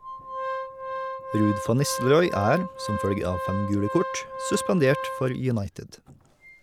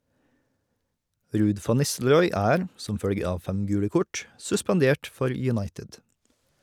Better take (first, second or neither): second